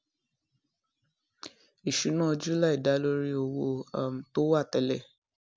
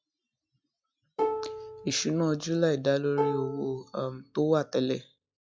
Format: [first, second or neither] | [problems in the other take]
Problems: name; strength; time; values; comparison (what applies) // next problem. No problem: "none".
first | noise reduction (classical method log-MMSE)